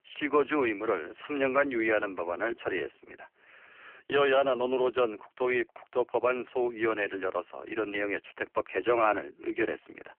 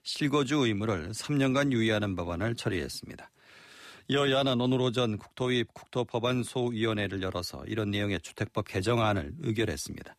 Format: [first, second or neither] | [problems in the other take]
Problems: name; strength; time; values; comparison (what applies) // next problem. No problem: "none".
second | phone-call audio; poor line; nothing above 3 kHz